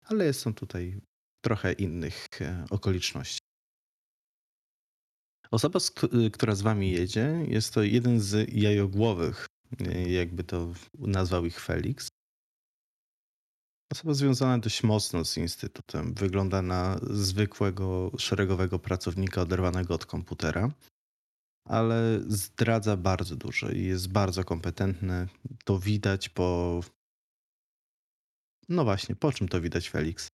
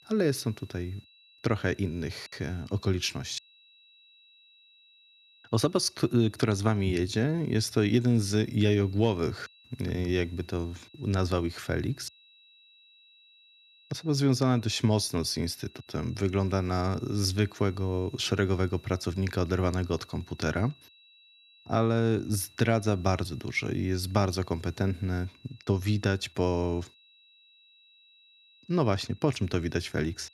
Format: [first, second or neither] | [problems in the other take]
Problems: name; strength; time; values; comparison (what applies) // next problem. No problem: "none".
first | high-pitched whine; faint; throughout; 4 kHz, 25 dB below the speech